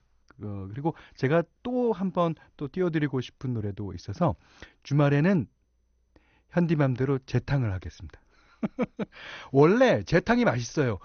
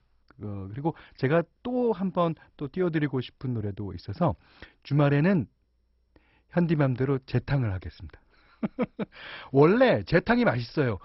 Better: first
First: garbled, watery; slightly; nothing above 6.5 kHz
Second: garbled, watery; badly; nothing above 5.5 kHz

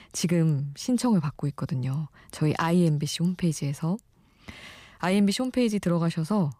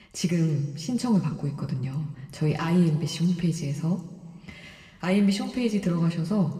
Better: first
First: none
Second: room echo; slight; dies away in 1.5 s

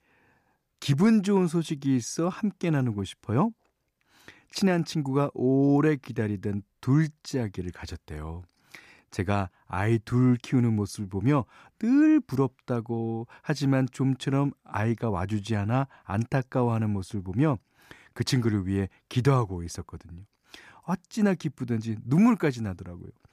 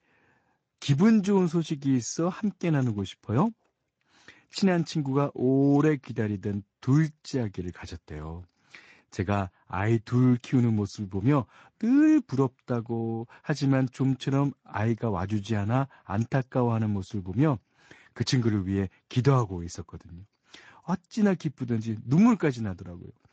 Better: first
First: none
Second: garbled, watery; slightly

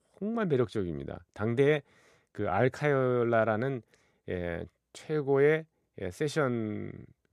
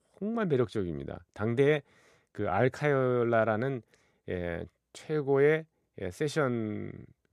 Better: neither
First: none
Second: none

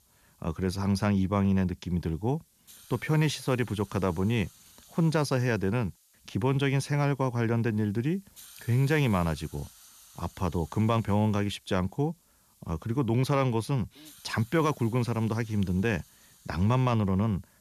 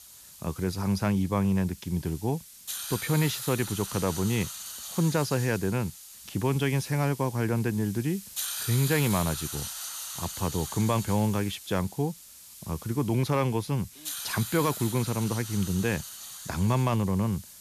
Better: first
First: hiss; faint; throughout; 25 dB below the speech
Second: hiss; loud; throughout; 8 dB below the speech

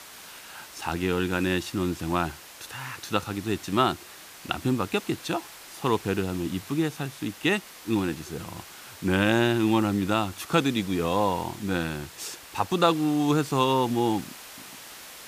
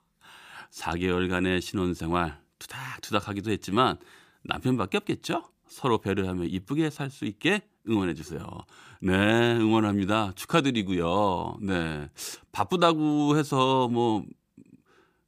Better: second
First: hiss; noticeable; throughout; 15 dB below the speech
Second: none

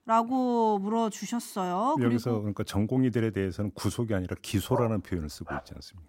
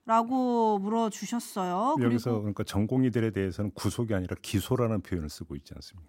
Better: second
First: dog barking; noticeable; at 4.5 s; peak 7 dB below the speech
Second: none

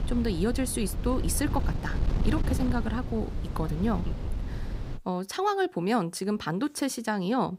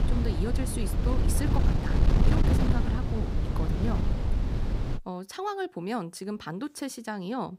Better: first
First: wind noise on the microphone; occasional gusts; until 5 s; 10 dB below the speech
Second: wind noise on the microphone; heavy; until 5 s; 1 dB below the speech

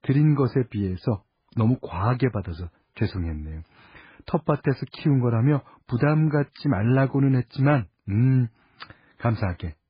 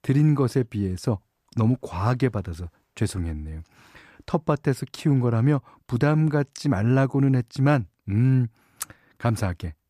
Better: second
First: garbled, watery; badly; nothing above 5 kHz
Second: none

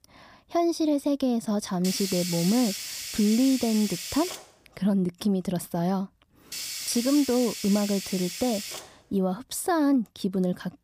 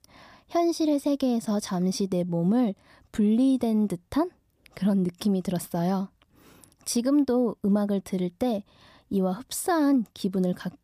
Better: second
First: hiss; loud; from 2 to 4.5 s and from 6.5 to 9.5 s; 6 dB below the speech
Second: none

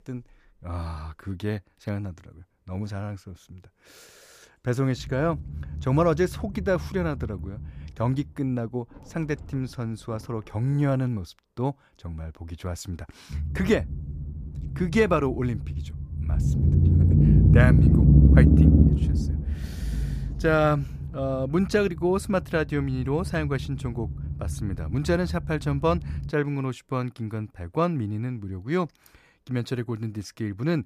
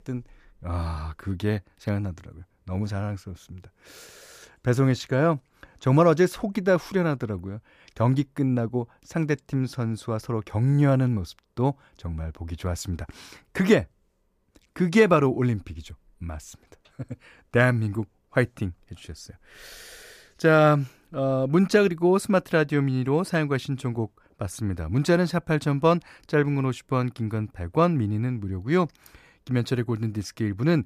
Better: second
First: low rumble; loud; from 5 to 11 s and from 13 to 26 s; 1 dB below the speech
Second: none

